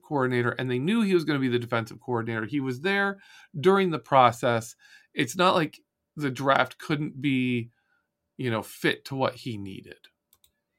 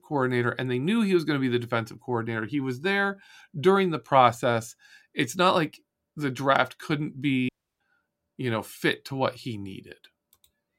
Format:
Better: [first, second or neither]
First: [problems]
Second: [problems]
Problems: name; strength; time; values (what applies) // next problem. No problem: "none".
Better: first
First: none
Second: audio cutting out; at 7.5 s